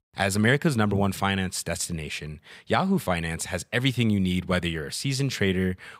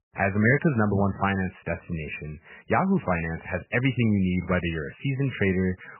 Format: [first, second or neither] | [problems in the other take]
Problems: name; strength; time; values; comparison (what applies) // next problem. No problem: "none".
first | garbled, watery; badly; nothing above 3 kHz